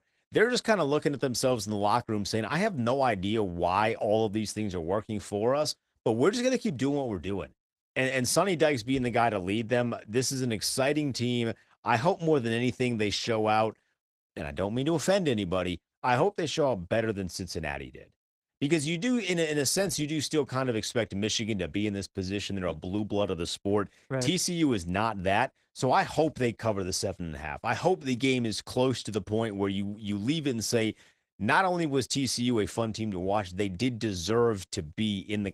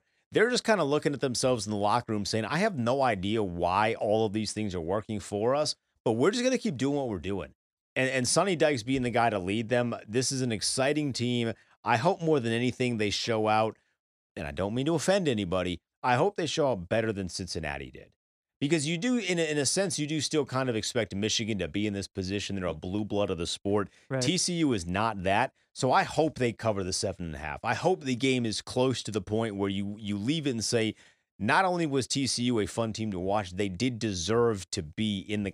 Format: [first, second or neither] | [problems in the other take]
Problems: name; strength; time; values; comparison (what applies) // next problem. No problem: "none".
second | garbled, watery; slightly; nothing above 15.5 kHz